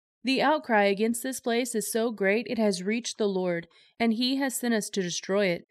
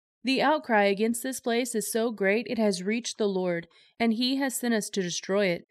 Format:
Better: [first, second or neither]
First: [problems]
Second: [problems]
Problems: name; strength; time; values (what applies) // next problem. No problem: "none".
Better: neither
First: none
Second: none